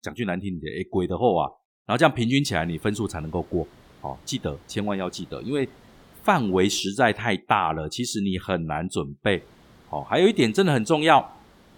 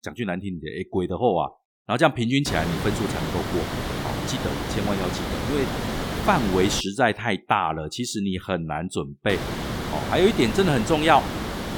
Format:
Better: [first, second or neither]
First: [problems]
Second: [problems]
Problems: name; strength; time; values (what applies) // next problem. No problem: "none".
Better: first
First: hiss; faint; from 2.5 to 7 s and from 9.5 s on; 30 dB below the speech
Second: hiss; loud; from 2.5 to 7 s and from 9.5 s on; 5 dB below the speech